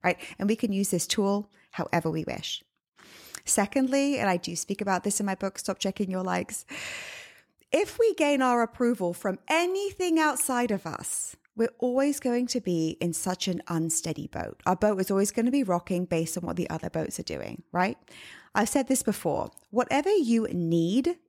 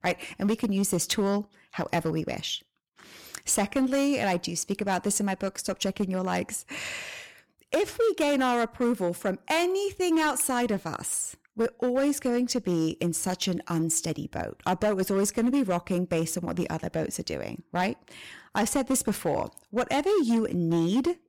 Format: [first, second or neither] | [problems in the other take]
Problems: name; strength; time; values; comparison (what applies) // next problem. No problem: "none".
first | distortion; slight; 7% of the sound clipped